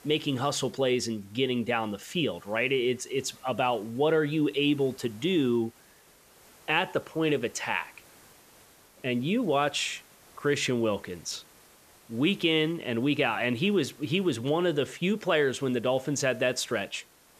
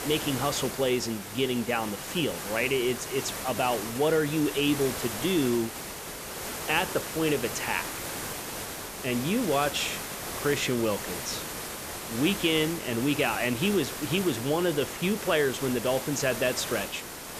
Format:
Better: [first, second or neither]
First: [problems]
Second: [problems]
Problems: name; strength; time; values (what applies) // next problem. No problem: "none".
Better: first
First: hiss; faint; throughout; 25 dB below the speech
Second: hiss; loud; throughout; 6 dB below the speech